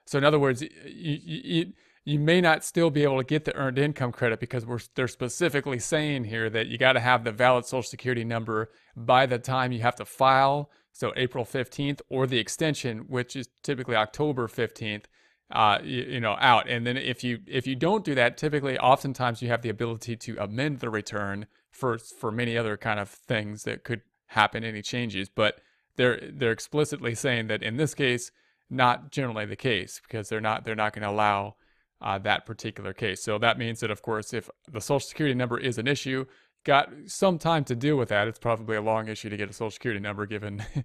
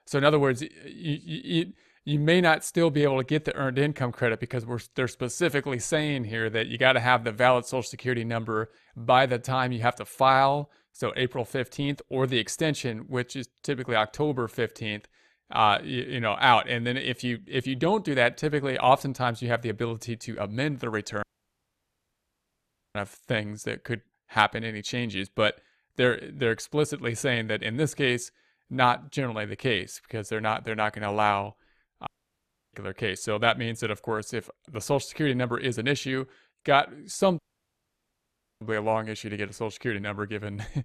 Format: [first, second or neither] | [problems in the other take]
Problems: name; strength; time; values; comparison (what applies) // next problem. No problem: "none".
first | audio cutting out; at 21 s for 1.5 s, at 32 s for 0.5 s and at 37 s for 1 s